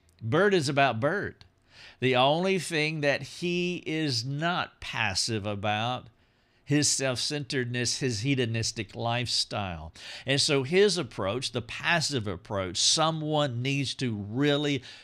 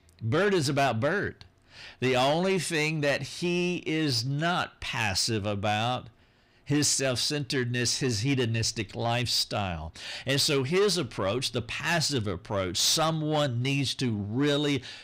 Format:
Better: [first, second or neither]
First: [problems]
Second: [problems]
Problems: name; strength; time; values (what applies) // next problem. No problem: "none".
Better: first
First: none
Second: distortion; slight; 10 dB below the speech